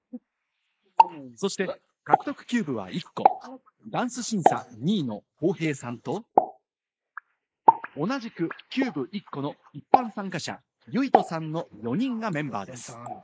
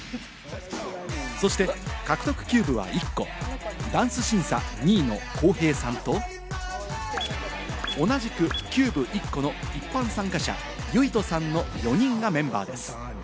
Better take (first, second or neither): second